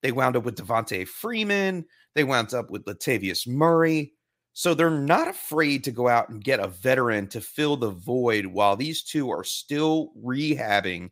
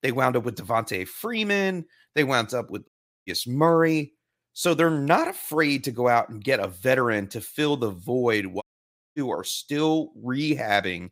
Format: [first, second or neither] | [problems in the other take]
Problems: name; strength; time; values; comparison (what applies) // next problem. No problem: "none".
first | audio cutting out; at 3 s and at 8.5 s for 0.5 s